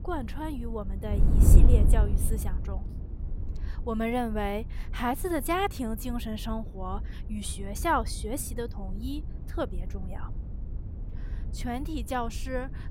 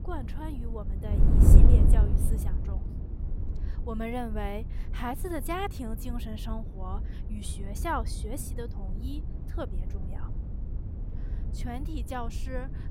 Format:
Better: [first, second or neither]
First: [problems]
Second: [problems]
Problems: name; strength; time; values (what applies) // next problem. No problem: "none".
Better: first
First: wind noise on the microphone; occasional gusts; 15 dB below the speech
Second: wind noise on the microphone; heavy; 6 dB below the speech